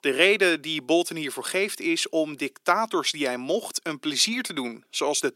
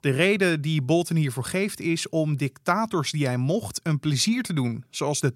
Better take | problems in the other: second | thin; somewhat; fading below 300 Hz

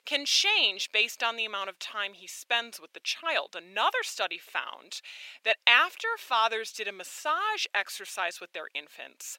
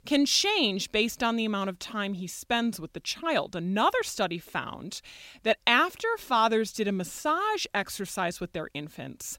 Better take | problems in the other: second | thin; very; fading below 500 Hz

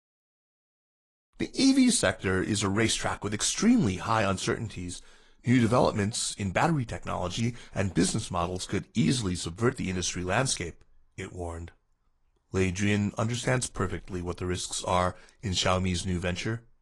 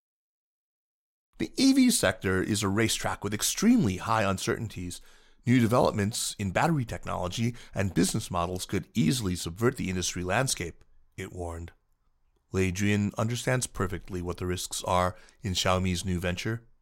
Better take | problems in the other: second | garbled, watery; slightly

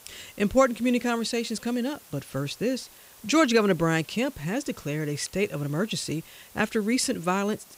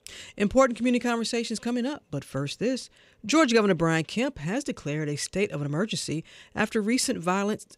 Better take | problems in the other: second | hiss; faint; throughout; 20 dB below the speech

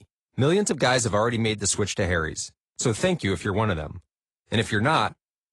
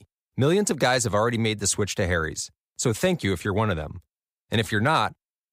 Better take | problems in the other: second | garbled, watery; slightly

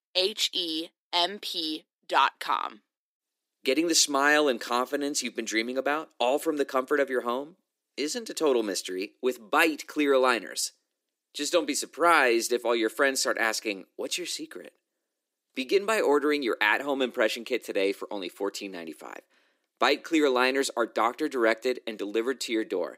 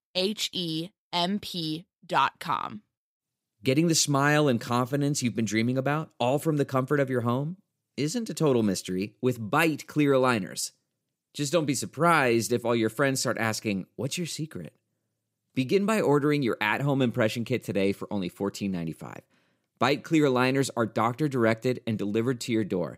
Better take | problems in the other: second | thin; somewhat; fading below 300 Hz

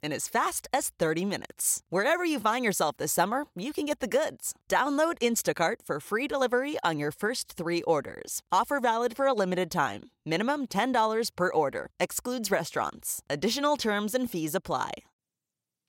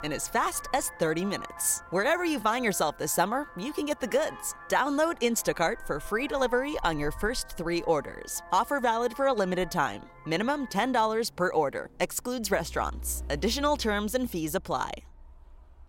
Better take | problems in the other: first | traffic noise; noticeable; throughout; 15 dB below the speech

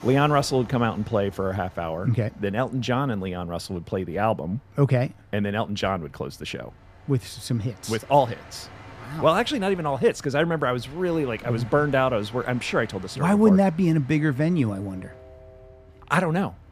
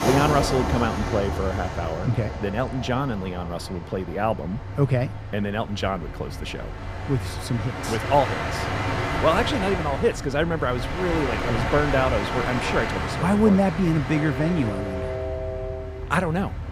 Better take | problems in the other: first | train or aircraft noise; loud; throughout; 4 dB below the speech; faint in the first

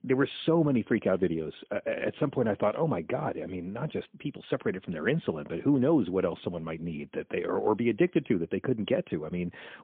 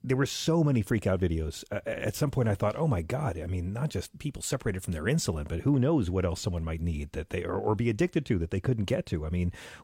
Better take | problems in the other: second | phone-call audio; poor line; nothing above 3.5 kHz

